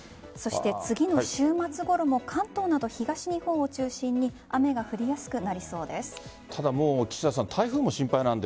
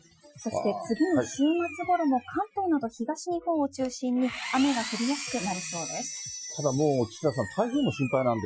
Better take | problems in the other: first | noise reduction (classical method Wiener filter)

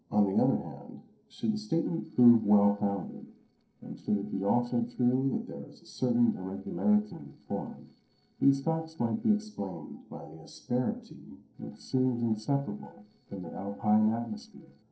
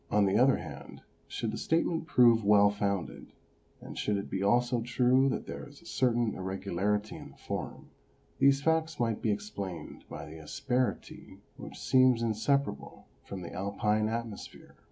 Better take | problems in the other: second | noise reduction (neural separator model SepFormer DNS4)

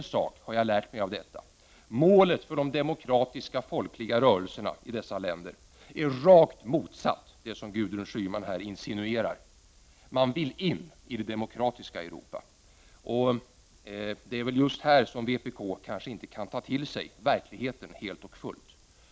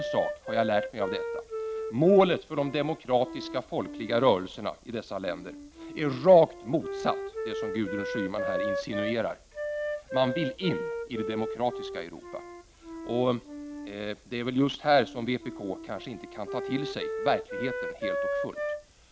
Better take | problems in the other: first | background sound (Wind instrument, woodwind instrument); 7 dB below the speech

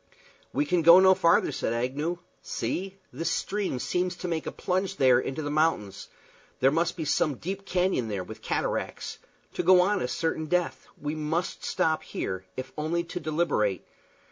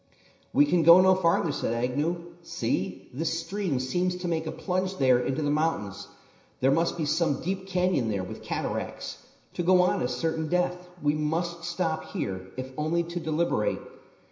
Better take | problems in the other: first | room echo; dies away in 0.9 s

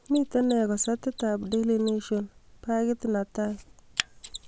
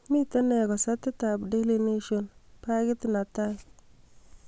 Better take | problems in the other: second | background sound (Mechanisms); 15 dB below the speech

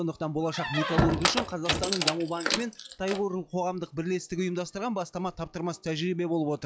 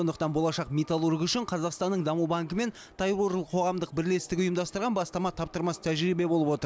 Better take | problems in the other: second | noise reduction (classical method log-MMSE)

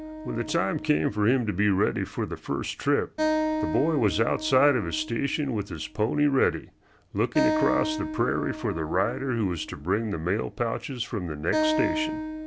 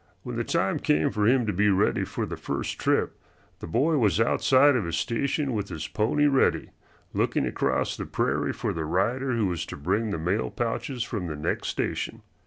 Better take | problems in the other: second | background sound (Acoustic guitar); 6 dB below the speech

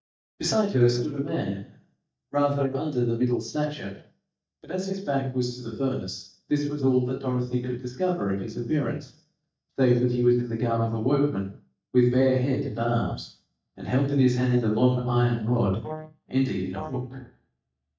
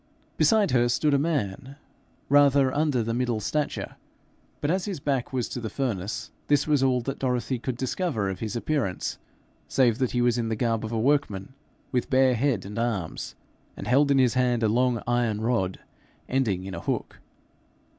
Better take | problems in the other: second | noise reduction (neural mask model DeepFilterNet 3)

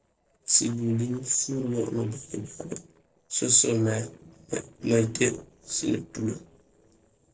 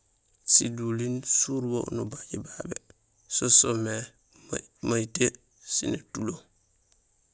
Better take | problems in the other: second | noise reduction (neural separator model SepFormer DNS4)

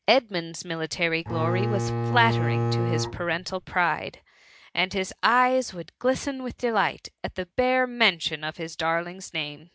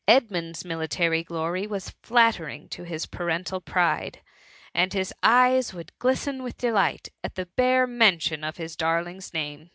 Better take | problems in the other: second | background sound (Bowed string instrument); as loud as the speech

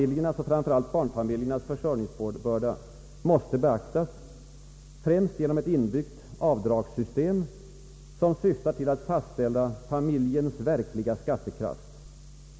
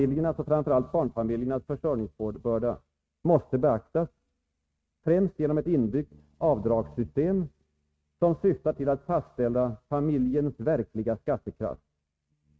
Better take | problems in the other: first | noise reduction (neural mask model RNNoise)

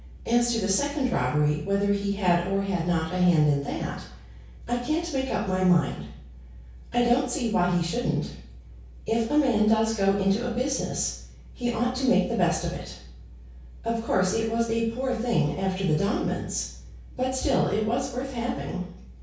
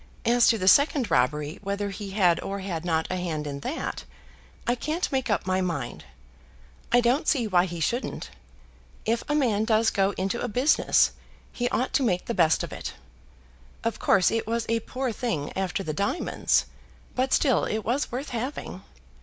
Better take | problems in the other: second | room echo; dies away in 0.6 s

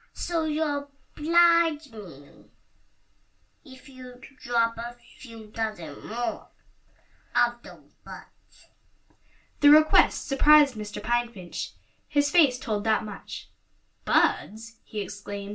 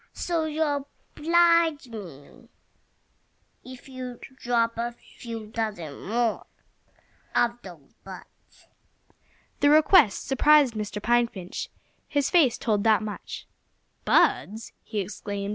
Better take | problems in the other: second | room echo; dies away in 0.2 s

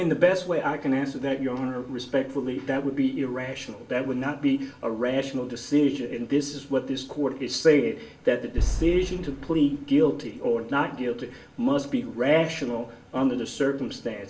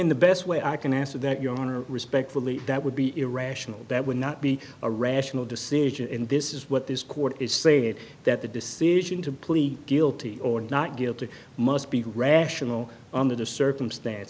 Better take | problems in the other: second | background sound (Boom); 4 dB below the speech // room echo; dies away in 0.3 s

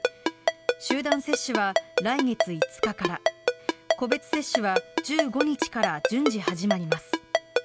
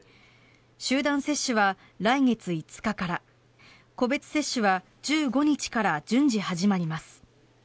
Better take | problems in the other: second | background sound (Ringtone); 2 dB above the speech

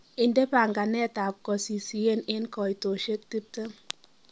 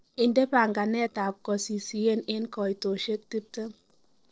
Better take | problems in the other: first | noise reduction (neural separator model SepFormer DNS4)

